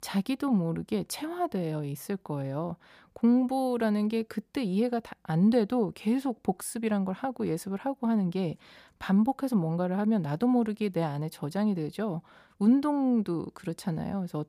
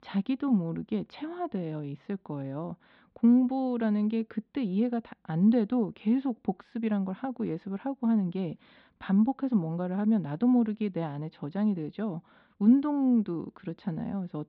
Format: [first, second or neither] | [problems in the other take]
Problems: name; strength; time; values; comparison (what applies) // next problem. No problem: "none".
first | muffled; slightly; fading above 3.5 kHz